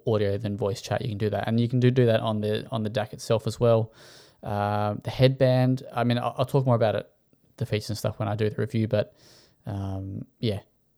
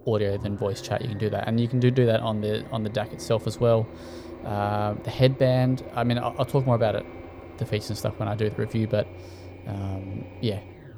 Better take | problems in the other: first | low rumble; noticeable; throughout; 15 dB below the speech

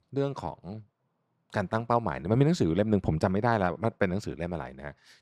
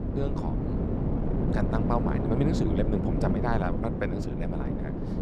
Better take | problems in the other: first | wind noise on the microphone; heavy; 2 dB below the speech

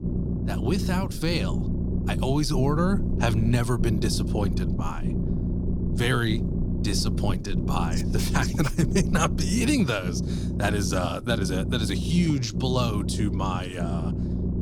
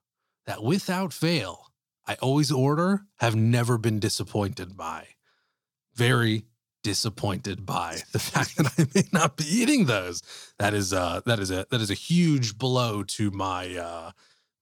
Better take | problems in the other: second | low rumble; loud; throughout; 8 dB below the speech

